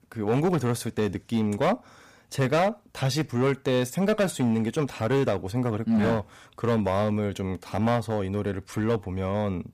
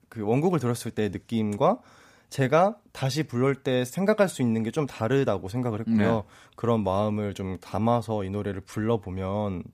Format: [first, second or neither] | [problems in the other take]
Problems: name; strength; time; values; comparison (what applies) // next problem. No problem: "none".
second | distortion; slight; 7% of the sound clipped